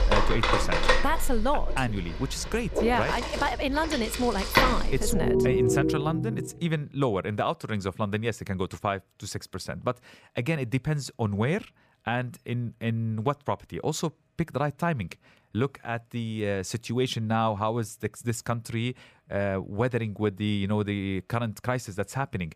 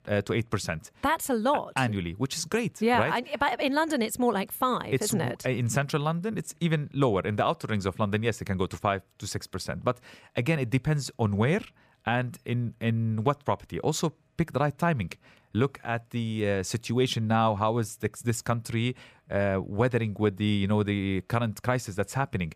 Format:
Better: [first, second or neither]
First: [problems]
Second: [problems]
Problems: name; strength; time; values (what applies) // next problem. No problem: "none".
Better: second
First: background music; very loud; until 6.5 s; 1 dB above the speech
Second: none